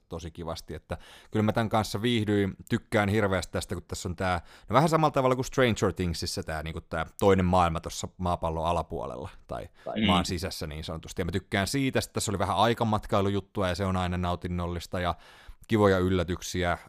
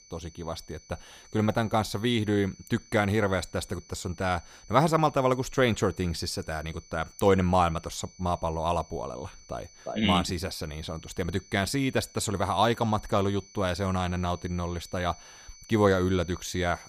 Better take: first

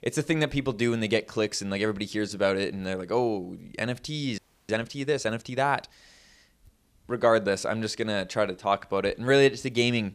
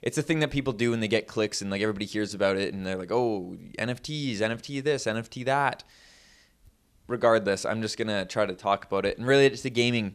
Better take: second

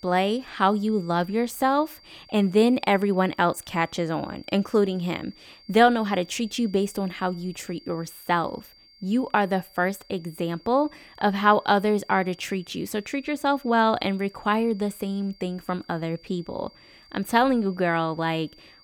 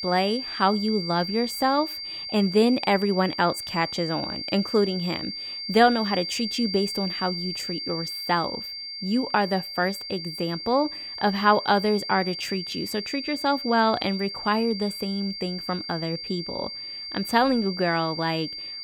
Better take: first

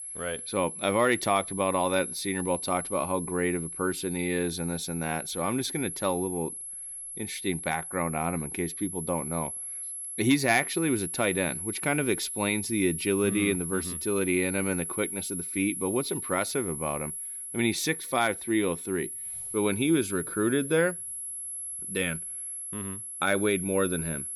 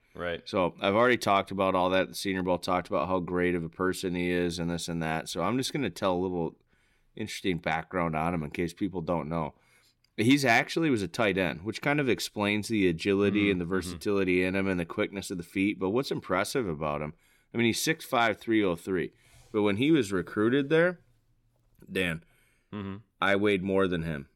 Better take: second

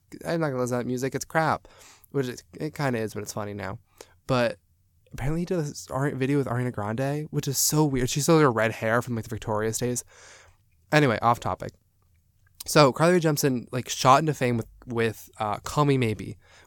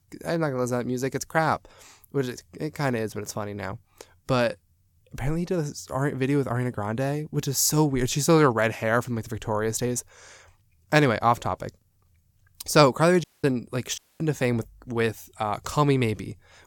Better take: first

